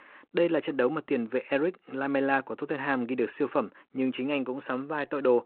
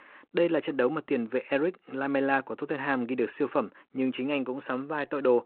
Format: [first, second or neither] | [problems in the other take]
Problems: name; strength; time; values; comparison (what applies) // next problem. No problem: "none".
neither | phone-call audio; nothing above 4 kHz; the same in both